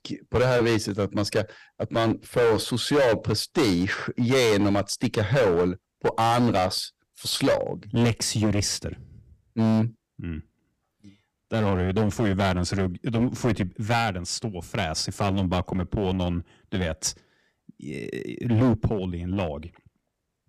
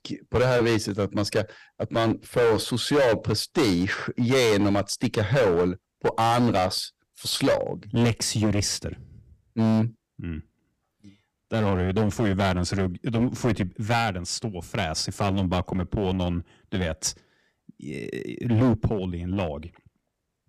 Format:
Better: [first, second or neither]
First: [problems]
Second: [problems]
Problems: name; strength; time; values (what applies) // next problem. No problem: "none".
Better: neither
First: distortion; heavy; 10% of the sound clipped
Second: distortion; heavy; 10% of the sound clipped